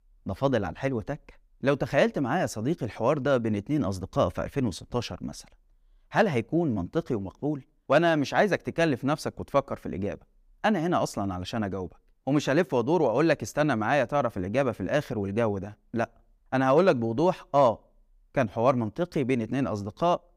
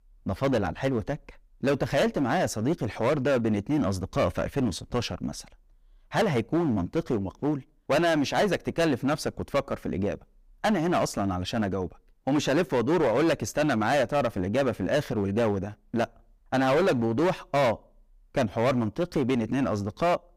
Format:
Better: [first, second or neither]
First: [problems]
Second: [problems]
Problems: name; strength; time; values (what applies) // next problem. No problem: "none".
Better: first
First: none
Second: distortion; heavy; 12% of the sound clipped